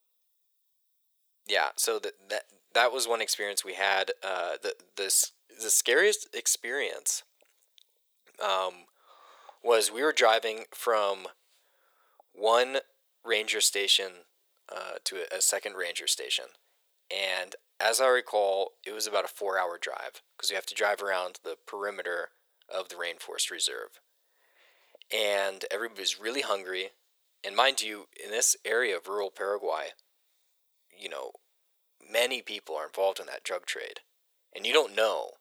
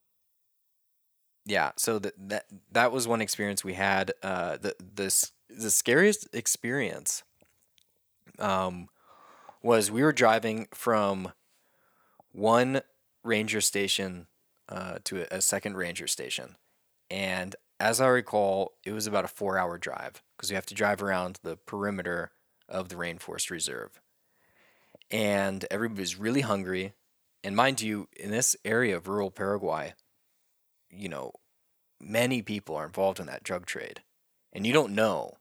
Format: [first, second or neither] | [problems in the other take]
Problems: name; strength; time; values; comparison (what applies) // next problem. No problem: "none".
second | thin; very; fading below 450 Hz